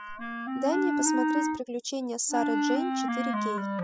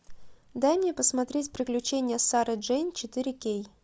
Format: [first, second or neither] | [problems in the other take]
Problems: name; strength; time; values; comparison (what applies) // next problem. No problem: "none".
second | noise reduction (classical method spectral subtraction)